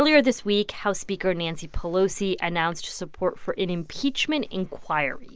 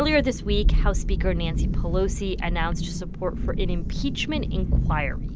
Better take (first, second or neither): first